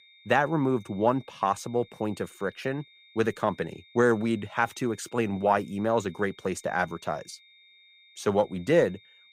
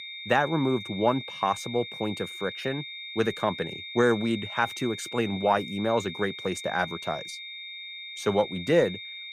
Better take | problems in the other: first | high-pitched whine; loud; throughout; 3.5 kHz, 9 dB below the speech; faint in the first

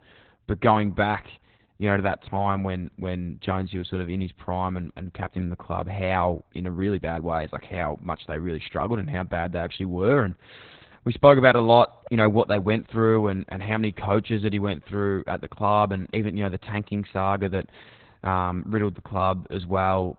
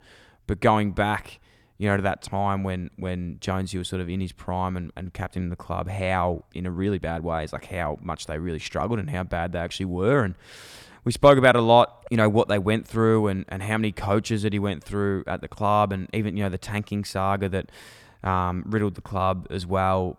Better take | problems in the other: second | garbled, watery; badly; nothing above 4 kHz

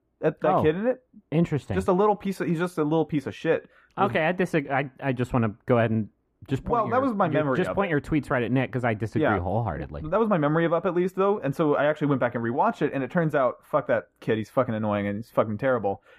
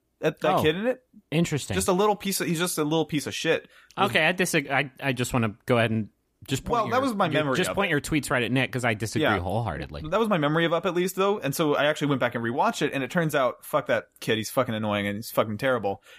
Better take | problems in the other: second | muffled; very; fading above 2.5 kHz

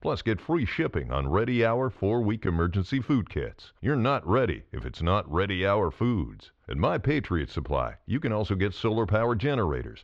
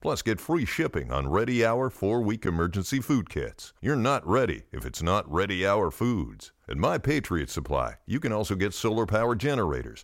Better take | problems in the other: second | muffled; slightly; fading above 3.5 kHz

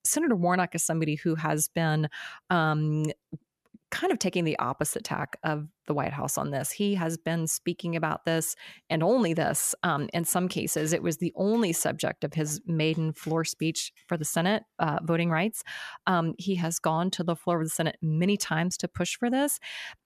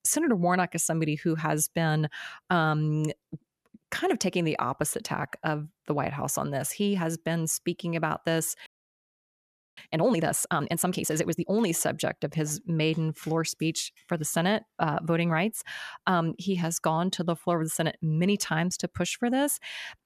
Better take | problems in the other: first | audio freezing; at 8.5 s for 1 s

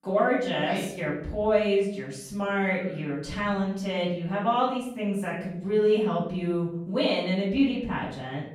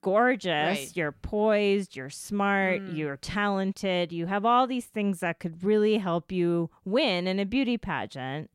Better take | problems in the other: second | off-mic speech; far // room echo; noticeable; dies away in 0.6 s

